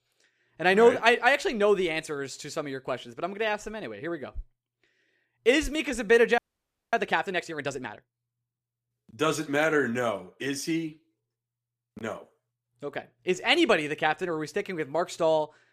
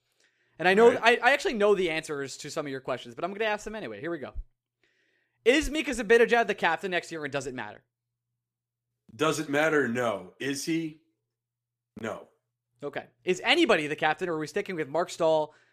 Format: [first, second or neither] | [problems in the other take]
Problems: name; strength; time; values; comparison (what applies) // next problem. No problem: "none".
second | audio freezing; at 6.5 s for 0.5 s